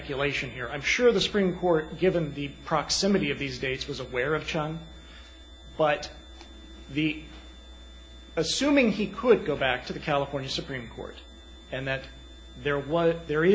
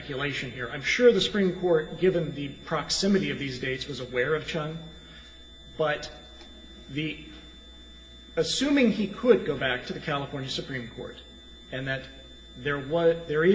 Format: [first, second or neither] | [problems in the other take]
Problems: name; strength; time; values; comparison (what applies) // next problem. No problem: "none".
first | room echo; dies away in 1.9 s